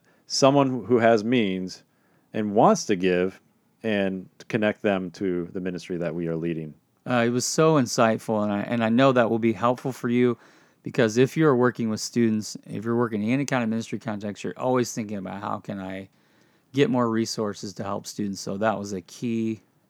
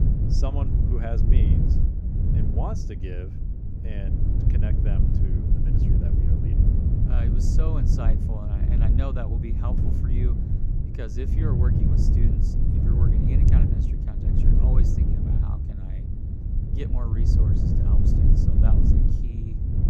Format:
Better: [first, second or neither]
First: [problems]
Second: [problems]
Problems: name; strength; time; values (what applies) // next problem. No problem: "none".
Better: first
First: none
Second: wind noise on the microphone; heavy; 3 dB above the speech